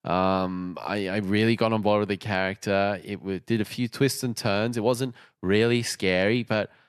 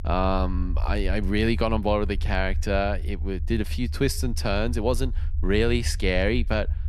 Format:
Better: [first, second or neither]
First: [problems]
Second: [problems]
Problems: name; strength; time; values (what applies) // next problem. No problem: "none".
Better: first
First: none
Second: low rumble; faint; throughout; 20 dB below the speech